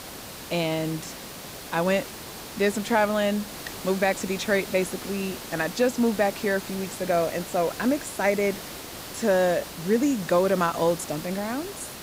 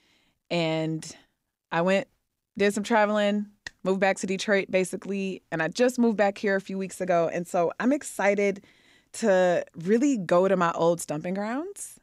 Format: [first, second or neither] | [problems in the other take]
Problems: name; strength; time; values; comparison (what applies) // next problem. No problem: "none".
second | hiss; noticeable; throughout; 10 dB below the speech